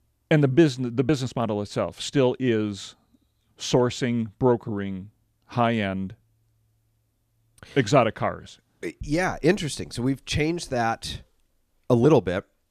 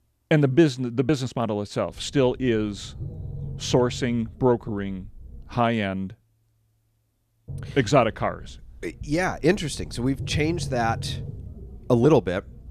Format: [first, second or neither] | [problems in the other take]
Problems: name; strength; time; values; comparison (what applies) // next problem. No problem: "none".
first | low rumble; faint; from 2 to 5.5 s and from 7.5 s on; 25 dB below the speech